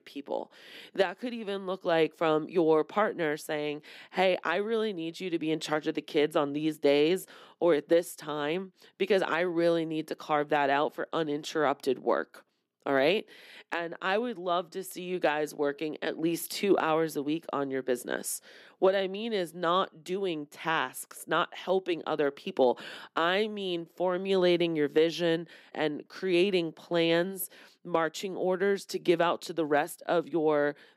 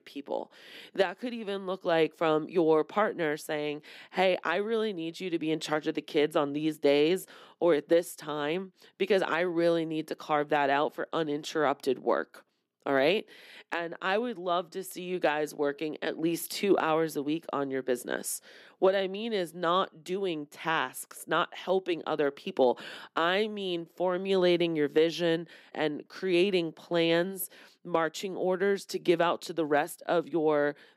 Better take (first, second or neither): neither